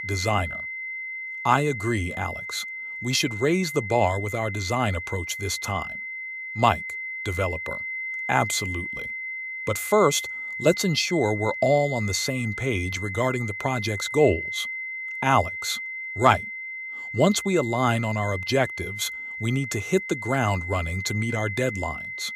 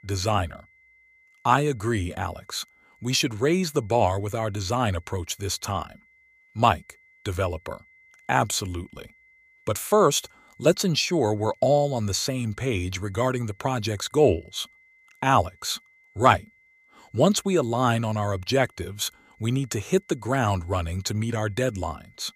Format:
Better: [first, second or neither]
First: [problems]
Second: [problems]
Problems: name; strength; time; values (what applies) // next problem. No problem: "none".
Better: second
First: high-pitched whine; loud; throughout; 2 kHz, 6 dB below the speech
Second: high-pitched whine; faint; throughout; 2 kHz, 30 dB below the speech